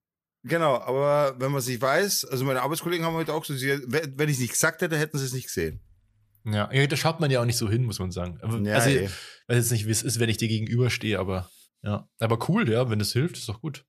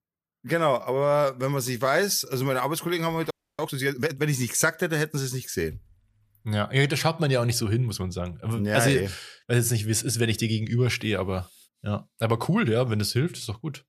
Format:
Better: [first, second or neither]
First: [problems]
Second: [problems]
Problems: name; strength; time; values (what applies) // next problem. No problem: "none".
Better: first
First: none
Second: audio freezing; at 3.5 s